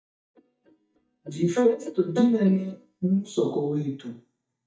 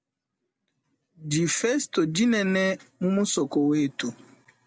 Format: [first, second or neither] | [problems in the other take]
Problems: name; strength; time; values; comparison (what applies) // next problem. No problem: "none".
second | noise reduction (neural mask model DeepFilterNet 3)